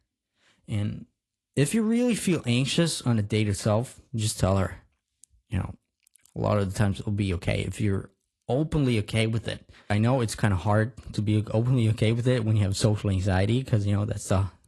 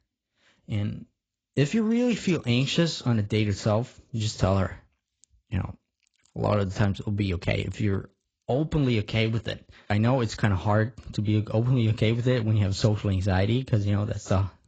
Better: first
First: garbled, watery; slightly; nothing above 11.5 kHz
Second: garbled, watery; badly; nothing above 7.5 kHz

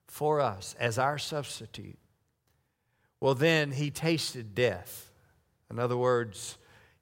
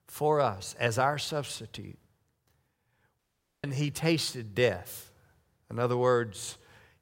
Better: first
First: none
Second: audio cutting out; at 3 s

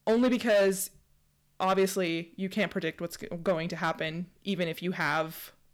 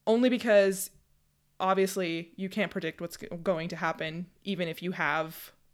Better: second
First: distortion; slight; 4% of the sound clipped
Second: none

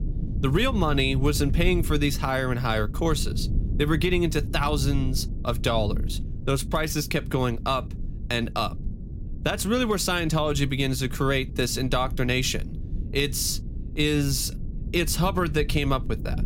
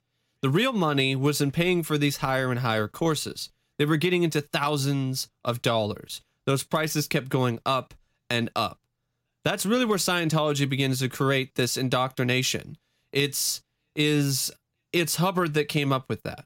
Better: second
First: low rumble; noticeable; throughout; 20 dB below the speech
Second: none

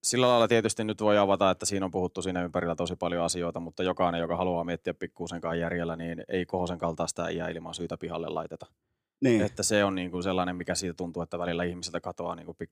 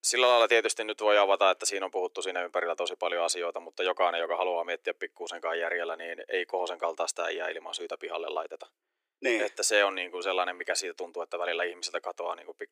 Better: first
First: none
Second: thin; very; fading below 350 Hz

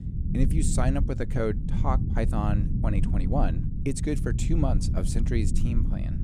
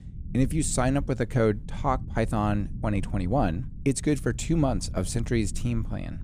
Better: second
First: low rumble; loud; throughout; 7 dB below the speech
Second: low rumble; faint; throughout; 20 dB below the speech

